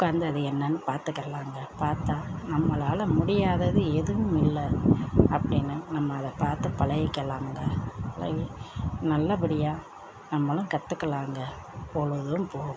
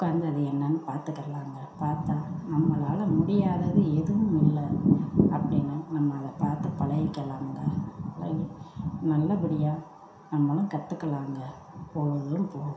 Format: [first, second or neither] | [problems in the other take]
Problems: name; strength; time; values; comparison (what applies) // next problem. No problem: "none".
first | room echo; dies away in 0.7 s